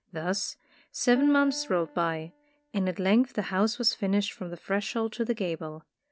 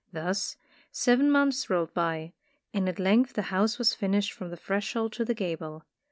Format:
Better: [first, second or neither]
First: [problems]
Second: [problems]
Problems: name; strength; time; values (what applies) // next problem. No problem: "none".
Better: second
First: background sound (Piano); 19 dB below the speech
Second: none